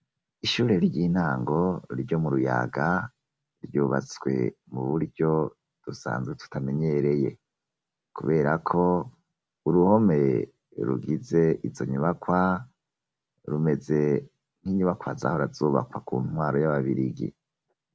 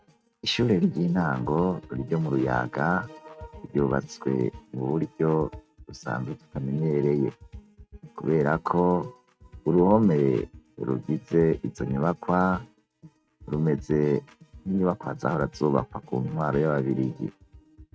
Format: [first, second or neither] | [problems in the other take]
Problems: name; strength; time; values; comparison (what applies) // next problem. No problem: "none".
first | noise reduction (neural mask model RNNoise)